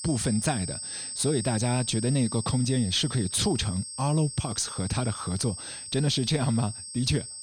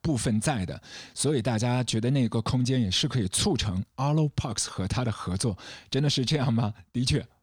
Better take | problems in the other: second | high-pitched whine; loud; throughout; 8 kHz, 8 dB below the speech

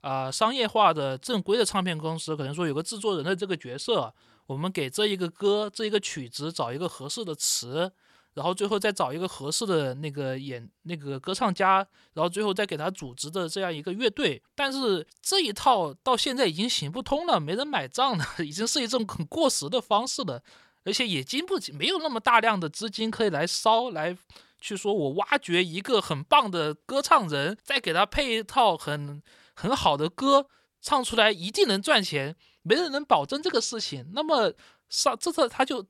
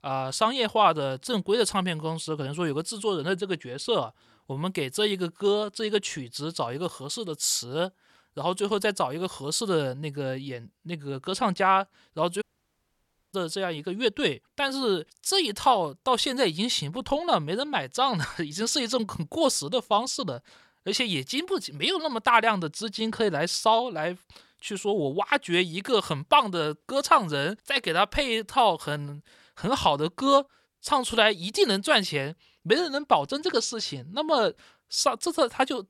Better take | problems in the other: first | audio cutting out; at 12 s for 1 s

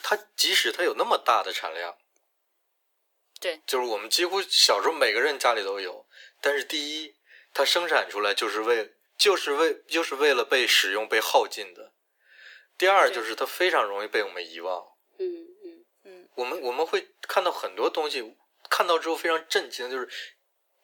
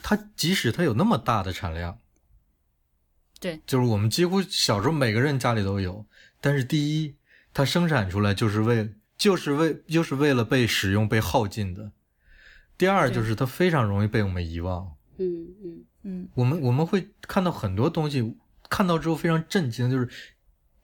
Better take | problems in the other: second | thin; very; fading below 400 Hz

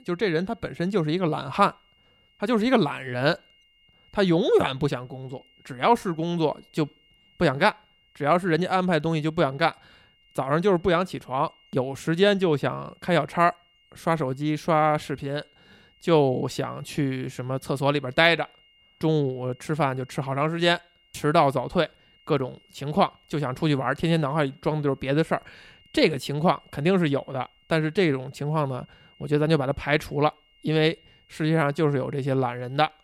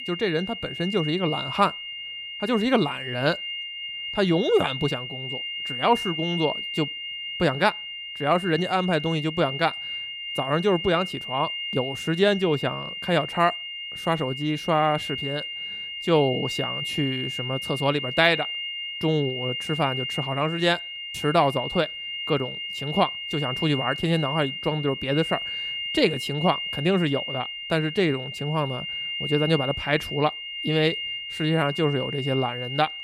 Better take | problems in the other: first | high-pitched whine; loud; throughout; 3 kHz, 5 dB below the speech; faint in the first

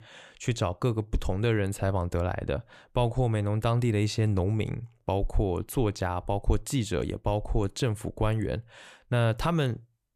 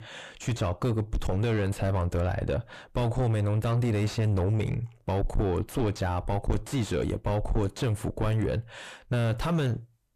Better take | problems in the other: first | distortion; heavy; 7 dB below the speech

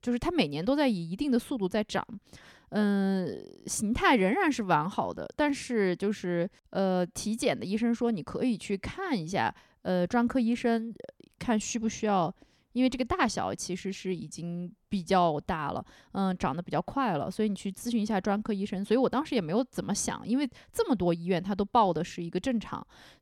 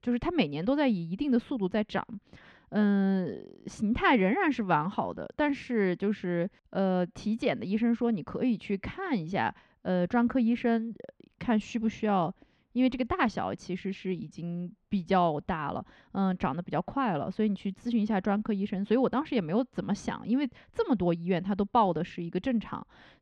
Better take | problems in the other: first | muffled; slightly; fading above 2.5 kHz

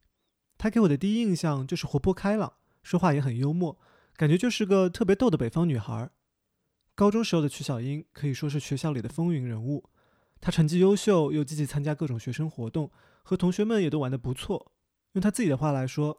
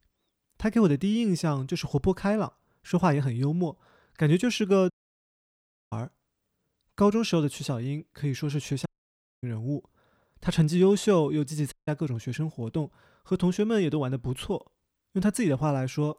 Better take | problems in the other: first | audio cutting out; at 5 s for 1 s, at 9 s for 0.5 s and at 12 s

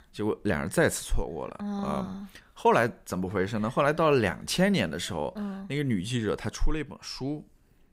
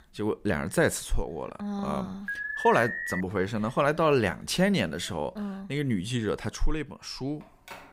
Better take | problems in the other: first | alarm; noticeable; at 2.5 s; peak 3 dB below the speech // phone ringing; faint; at 7.5 s; peak 15 dB below the speech

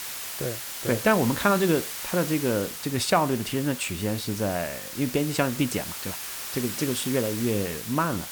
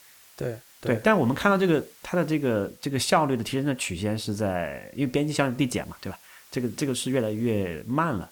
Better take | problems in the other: second | hiss; loud; throughout; 7 dB below the speech; faint in the second

